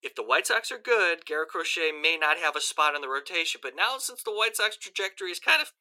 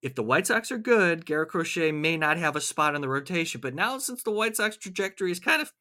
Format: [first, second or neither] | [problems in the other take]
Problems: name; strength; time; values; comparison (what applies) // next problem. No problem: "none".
second | thin; very; fading below 400 Hz